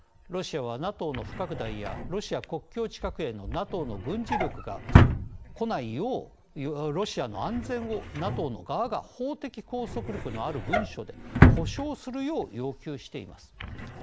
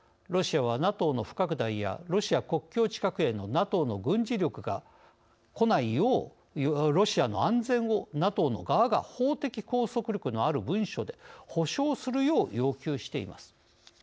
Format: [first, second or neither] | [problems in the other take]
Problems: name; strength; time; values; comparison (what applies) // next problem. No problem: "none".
second | background sound (Drawer open or close); 4 dB above the speech